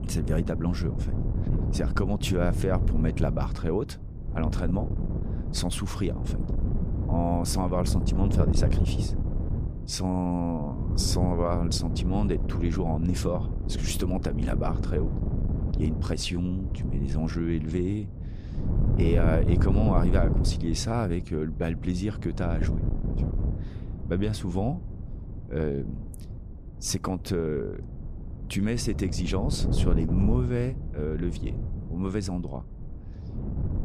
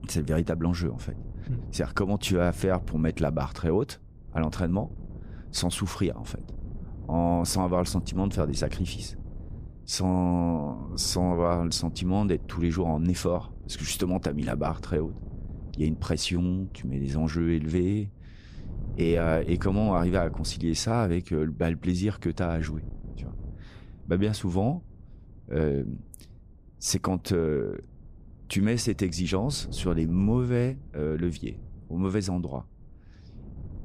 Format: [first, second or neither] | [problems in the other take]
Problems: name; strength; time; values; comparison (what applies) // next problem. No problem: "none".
second | wind noise on the microphone; heavy; 8 dB below the speech; occasional gusts in the second